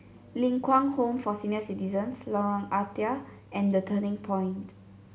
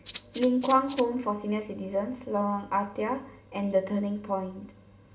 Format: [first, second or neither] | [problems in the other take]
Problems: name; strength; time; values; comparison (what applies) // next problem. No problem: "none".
first | background sound (Rattle (instrument)); 16 dB below the speech // room echo; dies away in 0.4 s